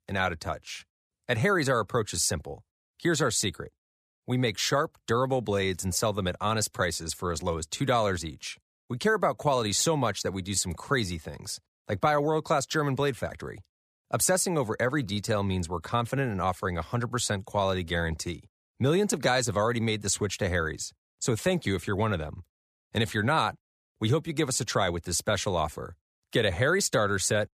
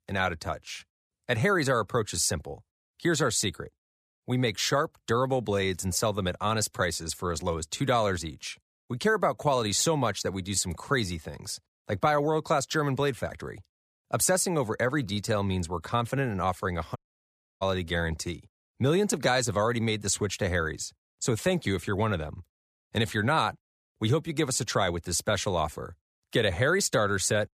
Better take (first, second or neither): first